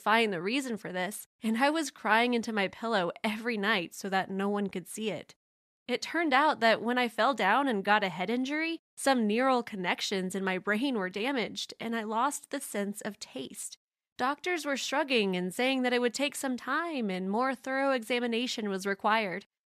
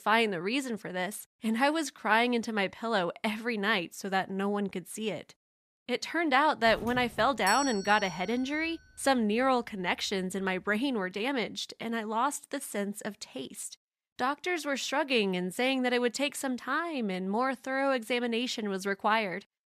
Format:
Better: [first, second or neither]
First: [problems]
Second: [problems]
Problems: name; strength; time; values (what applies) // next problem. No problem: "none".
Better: first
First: none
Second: doorbell; noticeable; from 6.5 to 8.5 s; peak 4 dB below the speech